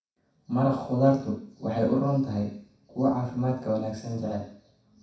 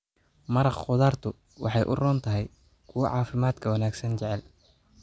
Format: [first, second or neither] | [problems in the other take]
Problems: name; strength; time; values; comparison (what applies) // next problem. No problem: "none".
second | room echo; dies away in 0.6 s